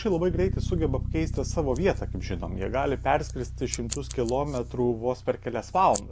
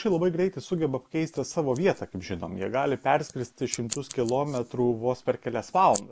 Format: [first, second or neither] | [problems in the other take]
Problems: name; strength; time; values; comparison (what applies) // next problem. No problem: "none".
second | background sound (Bass guitar); 6 dB below the speech